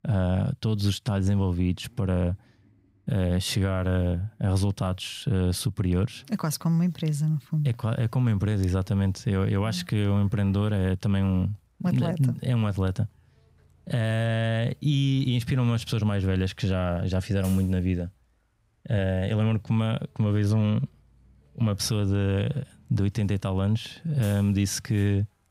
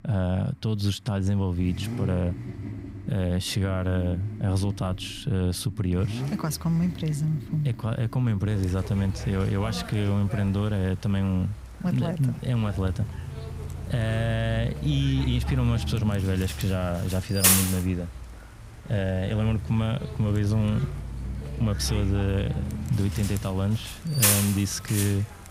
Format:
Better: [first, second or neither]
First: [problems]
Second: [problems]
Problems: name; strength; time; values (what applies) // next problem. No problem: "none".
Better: first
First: traffic noise; faint; throughout; 30 dB below the speech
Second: traffic noise; loud; throughout; 4 dB below the speech